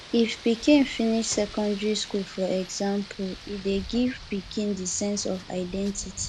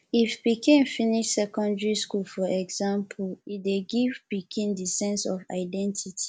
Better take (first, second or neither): second